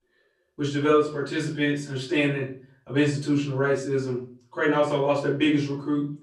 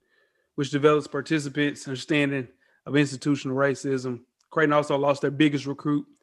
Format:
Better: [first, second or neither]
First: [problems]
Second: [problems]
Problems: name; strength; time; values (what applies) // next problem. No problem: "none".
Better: second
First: off-mic speech; far // room echo; slight; dies away in 0.4 s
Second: none